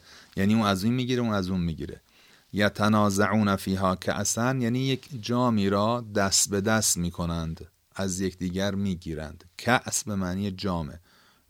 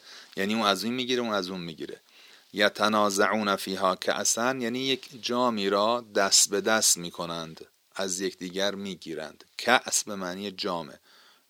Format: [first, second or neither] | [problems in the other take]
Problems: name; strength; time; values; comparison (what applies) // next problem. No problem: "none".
first | thin; somewhat; fading below 350 Hz